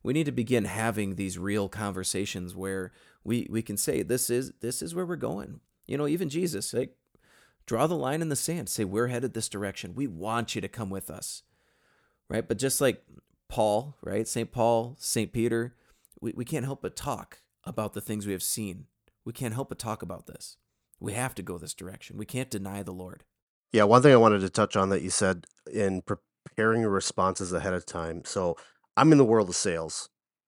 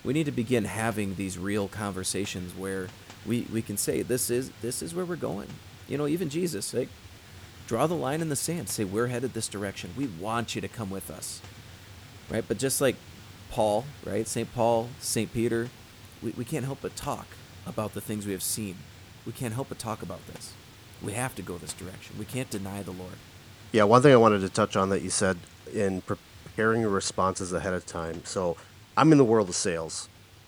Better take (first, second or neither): first